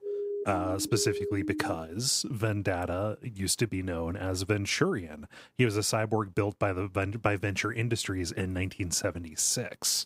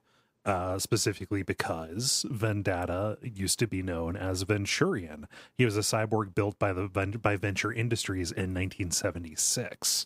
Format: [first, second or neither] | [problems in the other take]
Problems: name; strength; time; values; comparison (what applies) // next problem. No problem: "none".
second | siren; noticeable; until 2 s; peak 4 dB below the speech